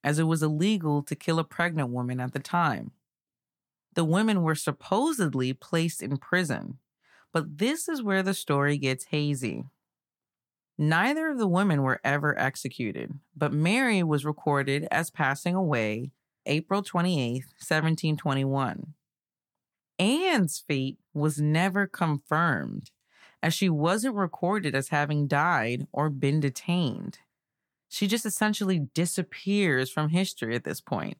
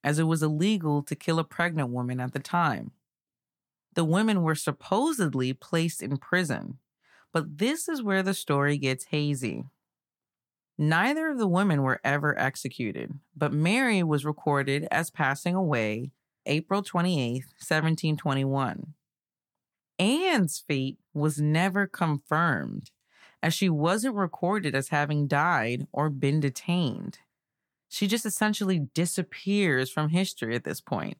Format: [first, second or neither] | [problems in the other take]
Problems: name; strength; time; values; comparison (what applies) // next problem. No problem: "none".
neither | none